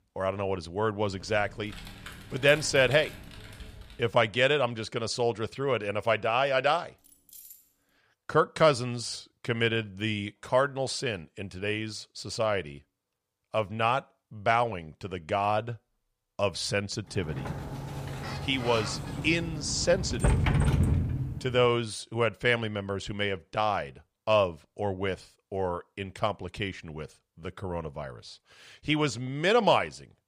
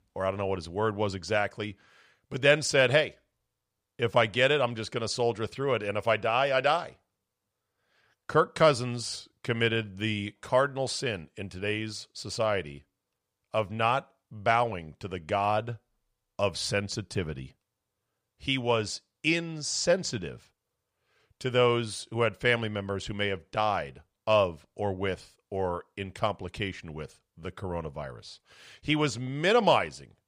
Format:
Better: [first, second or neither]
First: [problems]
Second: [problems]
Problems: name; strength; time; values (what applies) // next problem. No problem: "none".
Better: second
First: keyboard typing; faint; from 1 to 4 s; peak 15 dB below the speech // jangling keys; faint; at 7 s; peak 20 dB below the speech // door banging; loud; from 17 to 21 s; peak 3 dB above the speech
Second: none